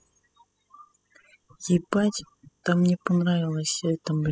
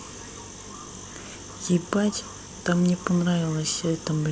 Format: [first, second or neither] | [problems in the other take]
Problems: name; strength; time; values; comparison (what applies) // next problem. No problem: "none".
second | noise reduction (classical method spectral subtraction)